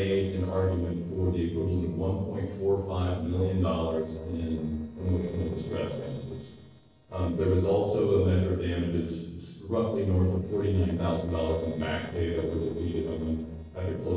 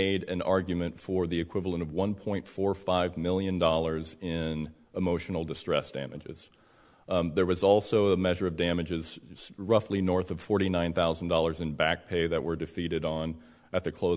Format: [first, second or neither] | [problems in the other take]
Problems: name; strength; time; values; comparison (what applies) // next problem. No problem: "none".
second | noise reduction (neural separator model SepFormer DNS4)